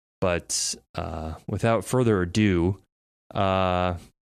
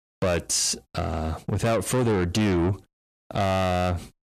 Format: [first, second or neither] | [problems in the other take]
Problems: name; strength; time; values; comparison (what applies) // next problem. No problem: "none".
first | distortion; heavy; 7 dB below the speech